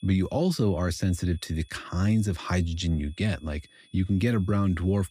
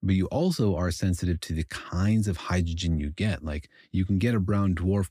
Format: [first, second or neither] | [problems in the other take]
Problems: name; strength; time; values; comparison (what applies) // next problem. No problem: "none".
second | high-pitched whine; faint; throughout; 3.5 kHz, 30 dB below the speech